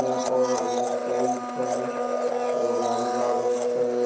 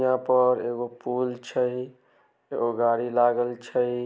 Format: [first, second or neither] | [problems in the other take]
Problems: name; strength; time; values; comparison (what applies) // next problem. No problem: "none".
second | background sound (Domestic sounds, home sounds); 3 dB above the speech // room echo; dies away in 1 s